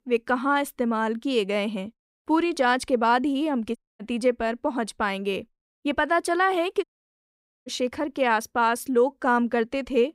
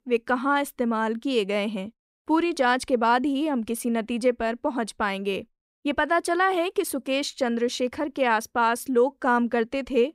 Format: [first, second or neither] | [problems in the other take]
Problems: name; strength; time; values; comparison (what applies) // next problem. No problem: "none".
second | audio cutting out; at 4 s and at 7 s for 1 s